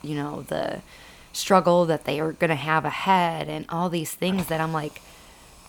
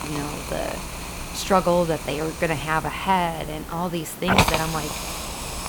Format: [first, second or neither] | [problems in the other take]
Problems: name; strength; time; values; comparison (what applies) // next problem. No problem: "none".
first | hiss; loud; throughout; 3 dB below the speech; faint in the first